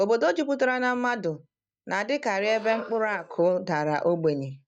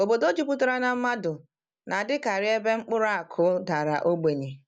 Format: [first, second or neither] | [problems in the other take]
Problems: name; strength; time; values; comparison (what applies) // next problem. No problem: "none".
second | noise reduction (neural mask model DeepFilterNet 3)